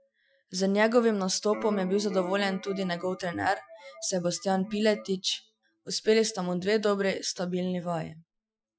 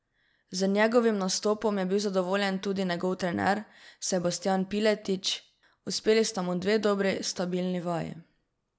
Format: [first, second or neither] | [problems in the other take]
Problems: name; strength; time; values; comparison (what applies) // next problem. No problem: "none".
second | noise reduction (classical method Wiener filter)